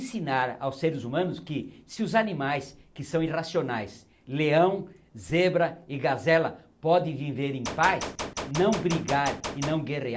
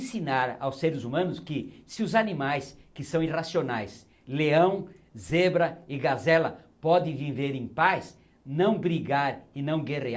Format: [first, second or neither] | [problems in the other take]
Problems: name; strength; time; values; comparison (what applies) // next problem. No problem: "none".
second | background sound (Gunshot, gunfire); 8 dB below the speech